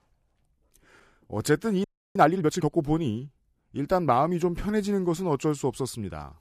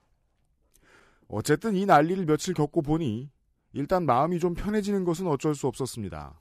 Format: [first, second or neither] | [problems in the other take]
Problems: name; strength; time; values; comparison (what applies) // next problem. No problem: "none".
second | audio freezing; at 2 s